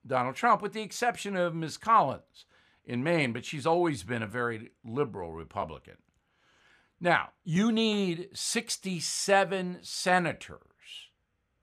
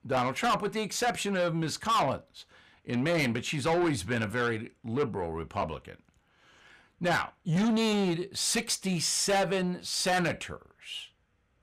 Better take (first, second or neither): first